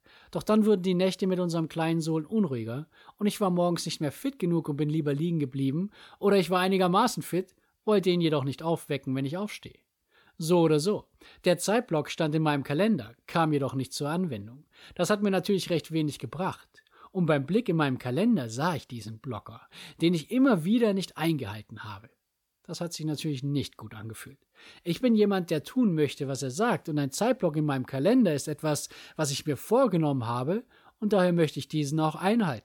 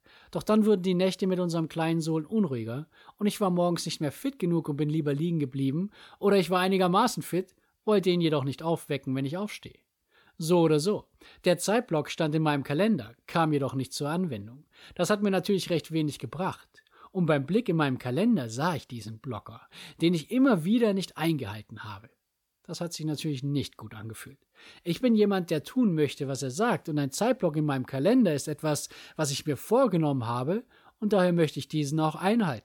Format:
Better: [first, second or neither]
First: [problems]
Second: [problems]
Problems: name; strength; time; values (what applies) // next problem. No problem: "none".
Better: neither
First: none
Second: none